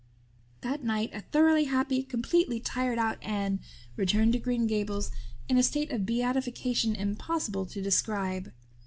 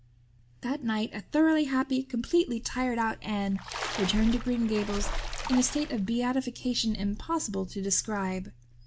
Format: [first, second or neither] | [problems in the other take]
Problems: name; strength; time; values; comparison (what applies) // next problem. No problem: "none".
first | background sound (Splash, splatter); 11 dB below the speech